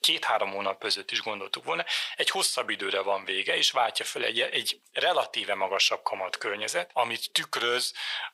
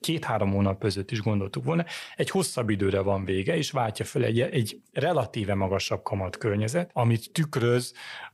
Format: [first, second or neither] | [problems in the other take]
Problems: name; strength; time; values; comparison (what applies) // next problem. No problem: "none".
second | thin; very; fading below 800 Hz